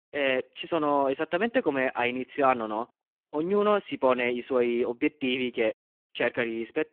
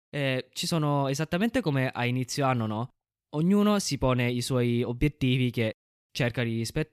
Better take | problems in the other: second | phone-call audio; poor line

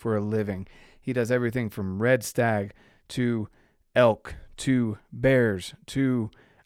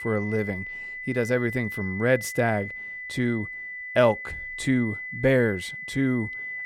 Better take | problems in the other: first | high-pitched whine; loud; throughout; 2 kHz, 8 dB below the speech

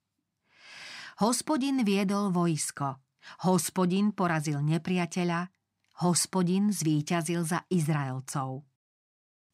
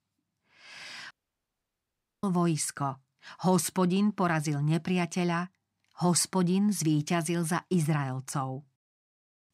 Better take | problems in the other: first | audio cutting out; at 1 s for 1 s

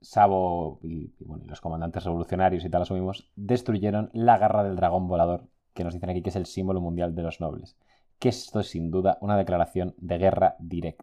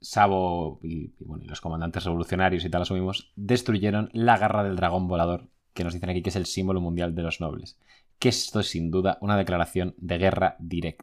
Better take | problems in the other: second | muffled; slightly; fading above 1 kHz

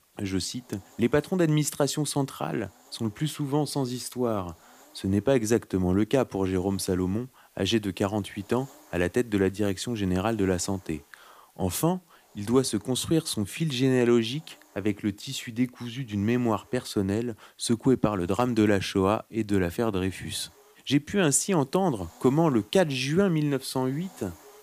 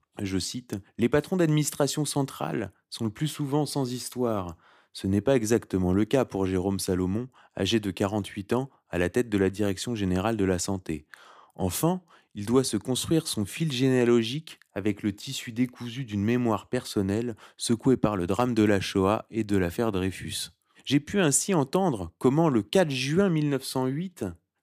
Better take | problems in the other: second | hiss; faint; throughout; 30 dB below the speech

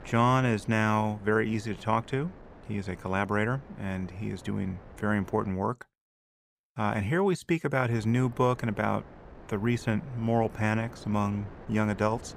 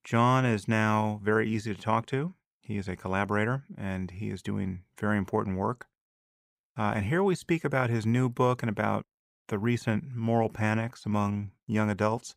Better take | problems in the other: second | wind noise on the microphone; occasional gusts; until 5.5 s and from 8 s on; 20 dB below the speech

